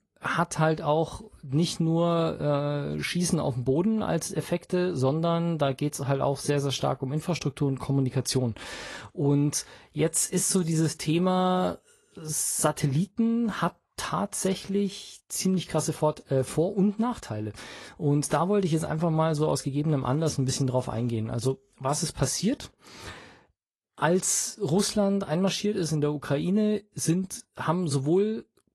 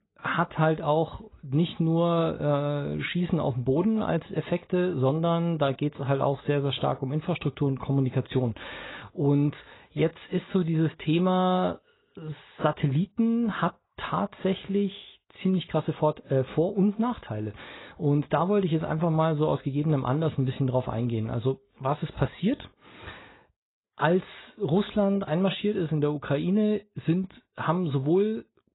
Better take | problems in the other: first | garbled, watery; badly; nothing above 4 kHz; slightly in the first

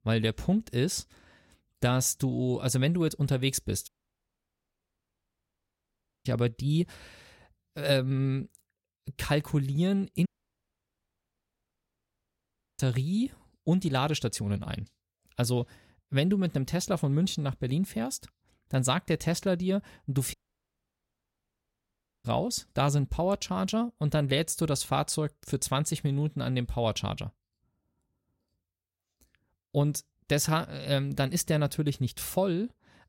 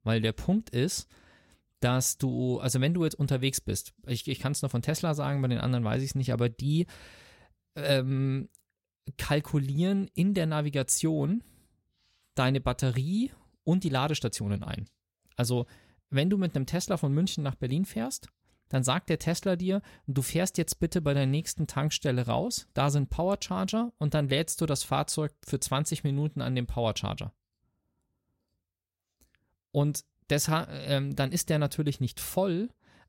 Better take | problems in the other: second | audio cutting out; at 4 s for 2.5 s, at 10 s for 2.5 s and at 20 s for 2 s

